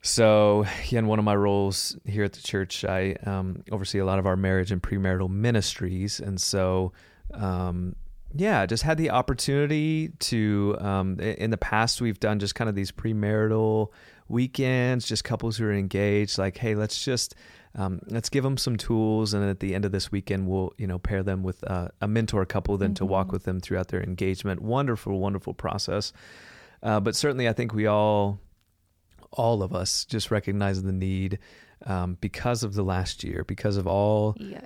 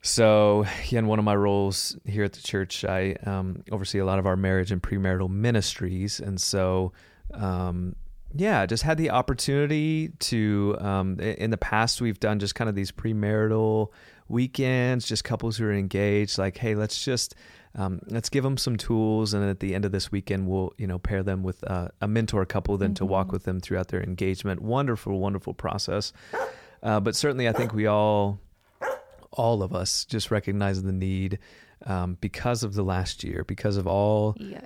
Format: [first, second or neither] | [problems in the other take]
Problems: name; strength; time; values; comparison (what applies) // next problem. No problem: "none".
first | dog barking; noticeable; from 26 to 29 s; peak 7 dB below the speech